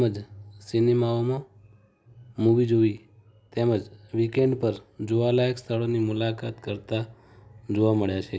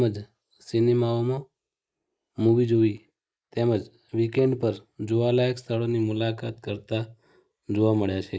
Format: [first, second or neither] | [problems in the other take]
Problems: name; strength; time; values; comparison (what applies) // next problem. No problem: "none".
first | noise reduction (neural mask model Resemble Enhance denoiser)